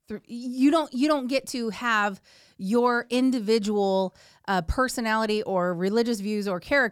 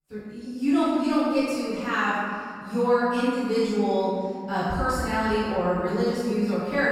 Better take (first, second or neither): first